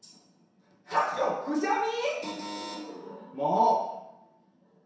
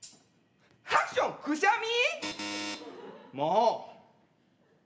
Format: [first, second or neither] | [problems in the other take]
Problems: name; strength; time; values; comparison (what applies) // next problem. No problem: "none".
second | room echo; dies away in 0.7 s